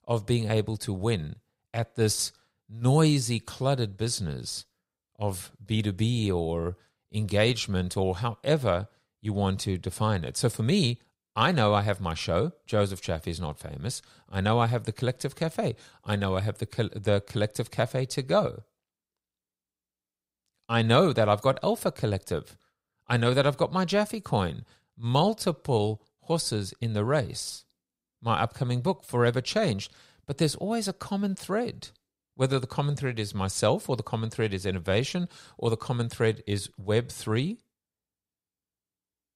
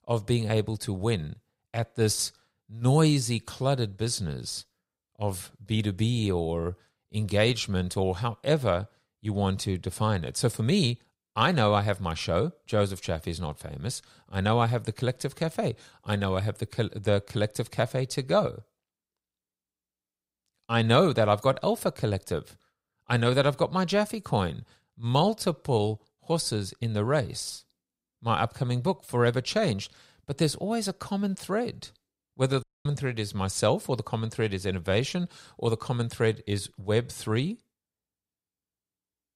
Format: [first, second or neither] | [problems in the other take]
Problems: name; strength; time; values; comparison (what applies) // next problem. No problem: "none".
first | audio cutting out; at 33 s